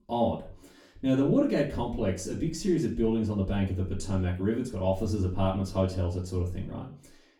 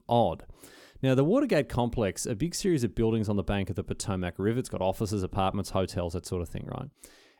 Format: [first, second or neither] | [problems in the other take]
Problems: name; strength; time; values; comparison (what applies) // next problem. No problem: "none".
second | room echo; slight; dies away in 0.4 s // off-mic speech; far